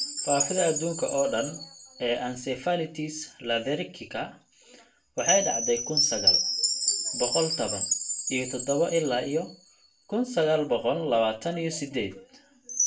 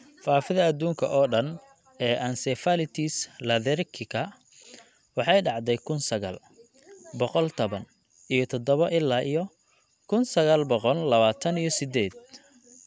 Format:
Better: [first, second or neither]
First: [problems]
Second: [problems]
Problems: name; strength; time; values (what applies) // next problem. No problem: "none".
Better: second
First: background sound (Chime); 3 dB below the speech // room echo; dies away in 0.3 s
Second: none